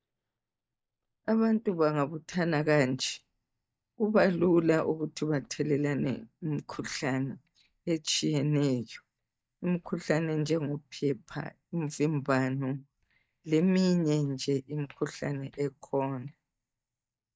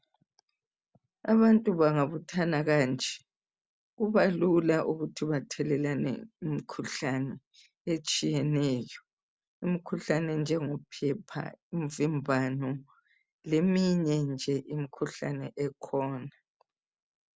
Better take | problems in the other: second | noise reduction (neural mask model DeepFilterNet 3)

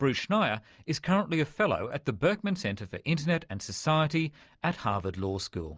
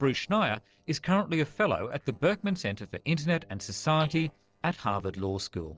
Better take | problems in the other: first | noise reduction (neural separator model SepFormer DNS4)

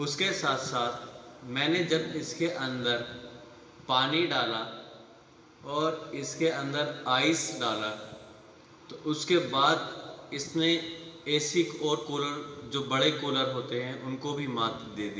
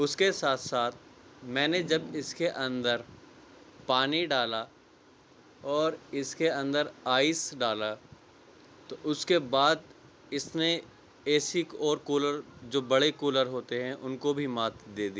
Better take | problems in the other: second | room echo; dies away in 2.1 s

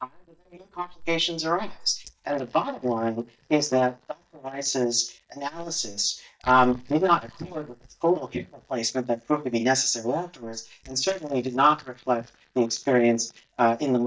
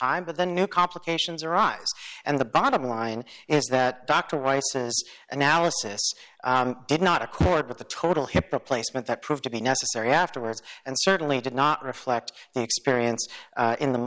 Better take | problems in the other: second | noise reduction (neural mask model DeepFilterNet 3)

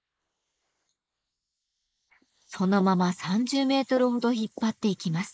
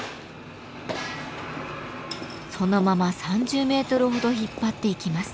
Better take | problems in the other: second | noise reduction (neural mask model Resemble Enhance denoiser)

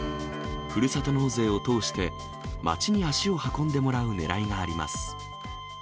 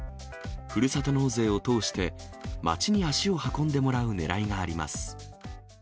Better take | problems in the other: second | background sound (Strum + Bowed string instrument); 10 dB below the speech

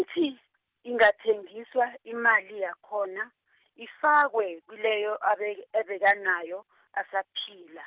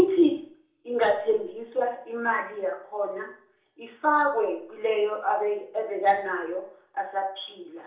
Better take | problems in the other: first | room echo; dies away in 0.6 s

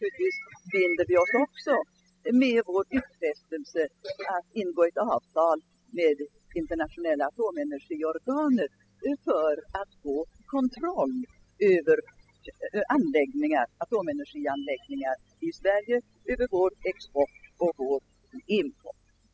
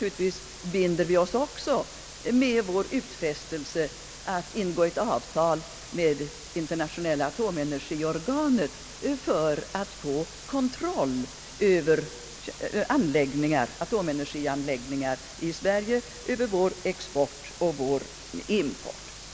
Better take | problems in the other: second | noise reduction (classical method spectral subtraction)

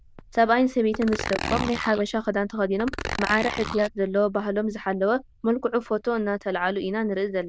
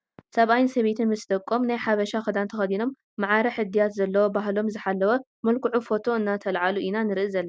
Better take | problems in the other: second | noise reduction (neural diffusion model UNIVERSE++)

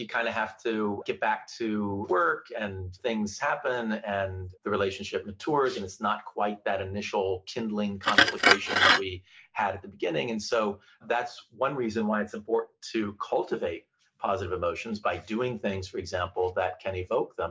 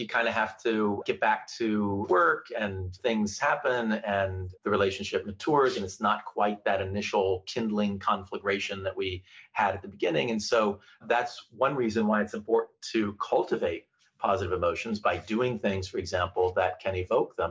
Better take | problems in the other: second | background sound (Glass); 4 dB above the speech

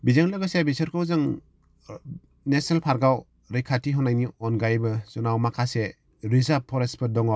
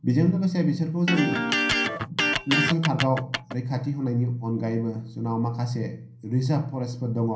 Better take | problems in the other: first | background sound (Electric guitar); 1 dB below the speech // room echo; dies away in 0.6 s

